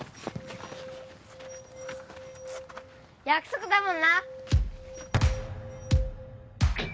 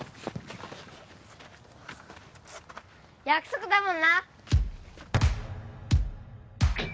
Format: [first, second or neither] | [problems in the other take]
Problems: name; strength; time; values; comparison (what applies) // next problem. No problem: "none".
second | background sound (Glass); 16 dB below the speech